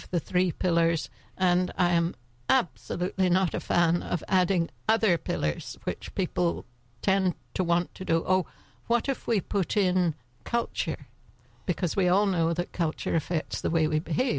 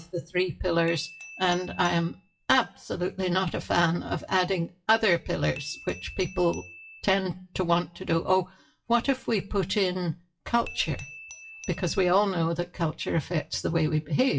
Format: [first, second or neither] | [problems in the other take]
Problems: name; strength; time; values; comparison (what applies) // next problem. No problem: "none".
first | noise reduction (classical method WPE with log-MMSE)